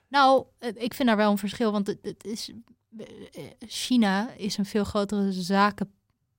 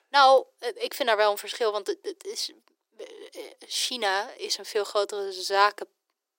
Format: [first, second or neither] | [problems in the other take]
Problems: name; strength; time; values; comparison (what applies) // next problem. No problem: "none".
first | thin; very; fading below 350 Hz